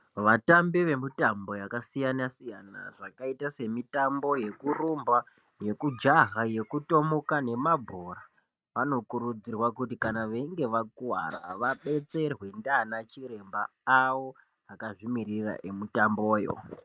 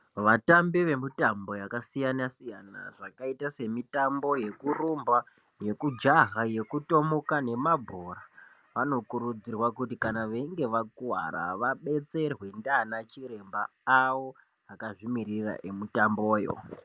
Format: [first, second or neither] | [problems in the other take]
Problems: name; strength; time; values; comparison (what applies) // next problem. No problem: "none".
second | noise reduction (neural mask model RNNoise)